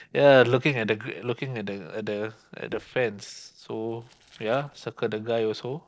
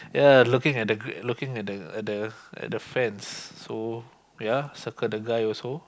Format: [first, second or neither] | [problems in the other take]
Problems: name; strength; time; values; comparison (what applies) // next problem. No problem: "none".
second | noise reduction (neural separator model SepFormer DNS4)